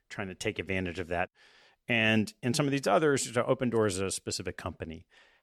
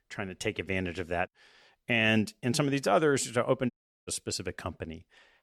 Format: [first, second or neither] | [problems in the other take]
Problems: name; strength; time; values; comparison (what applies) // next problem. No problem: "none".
first | audio cutting out; at 3.5 s